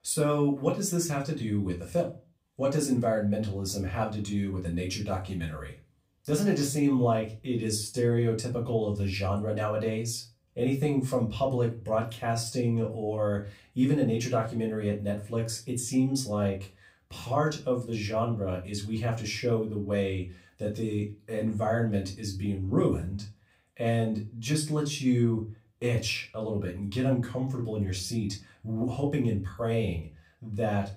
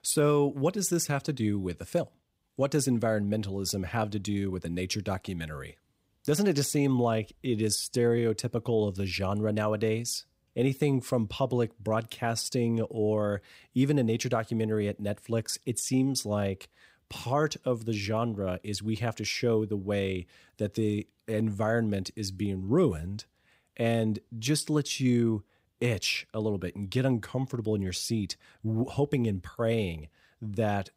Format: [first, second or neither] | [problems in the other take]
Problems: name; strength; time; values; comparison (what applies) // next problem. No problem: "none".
second | off-mic speech; far // room echo; very slight; dies away in 0.3 s